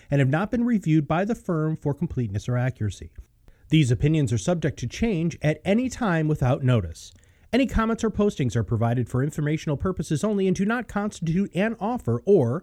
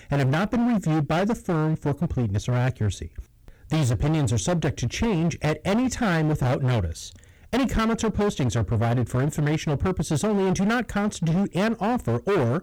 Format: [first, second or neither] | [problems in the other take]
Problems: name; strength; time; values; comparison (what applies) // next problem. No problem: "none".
first | distortion; heavy; 27% of the sound clipped